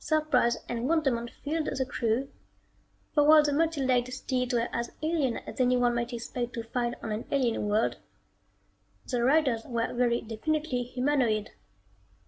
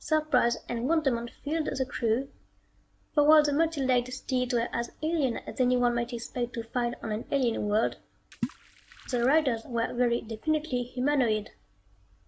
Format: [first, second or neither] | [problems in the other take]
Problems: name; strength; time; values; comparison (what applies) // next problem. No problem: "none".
first | background sound (Water / Splash, splatter); 13 dB below the speech